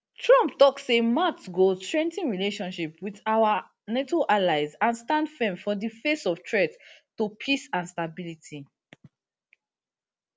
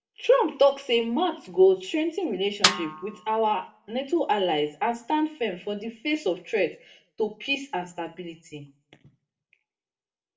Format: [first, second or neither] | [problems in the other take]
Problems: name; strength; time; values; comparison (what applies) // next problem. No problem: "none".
first | background sound (Snare drum); 3 dB below the speech // room echo; dies away in 0.4 s